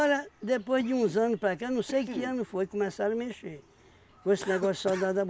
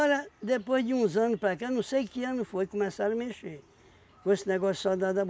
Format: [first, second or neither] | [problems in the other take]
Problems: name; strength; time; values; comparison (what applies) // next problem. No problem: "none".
second | background sound (Cough); 16 dB below the speech